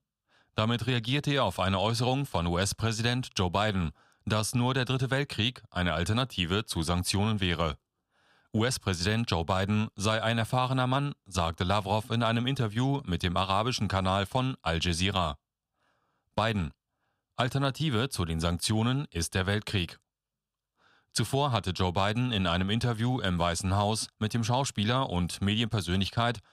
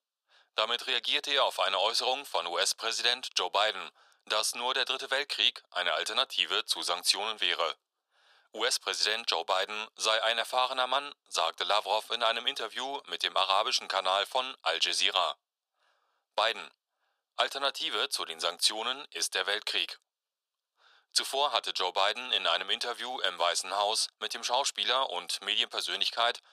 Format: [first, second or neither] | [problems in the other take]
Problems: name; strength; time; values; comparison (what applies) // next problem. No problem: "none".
first | thin; very; fading below 500 Hz